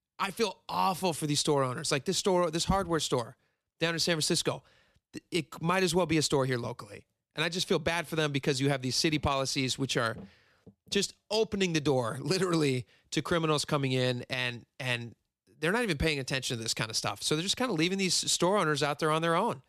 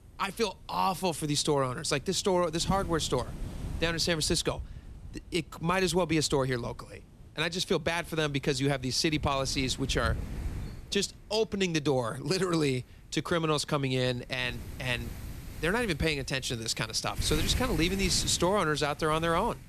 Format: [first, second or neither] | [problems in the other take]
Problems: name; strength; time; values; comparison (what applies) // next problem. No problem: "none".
first | wind noise on the microphone; occasional gusts; 20 dB below the speech